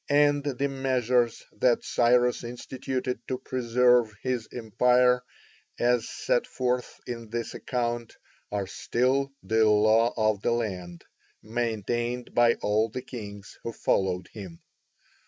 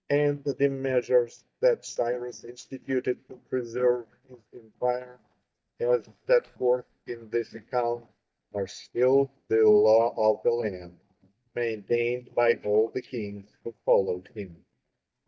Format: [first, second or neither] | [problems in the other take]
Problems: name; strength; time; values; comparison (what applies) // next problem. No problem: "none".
first | noise reduction (neural mask model DeepFilterNet 3)